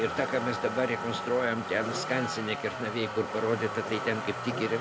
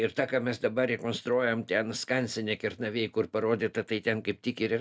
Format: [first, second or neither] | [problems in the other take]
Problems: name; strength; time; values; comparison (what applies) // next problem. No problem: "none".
second | background sound (Motor vehicle (road)); 4 dB below the speech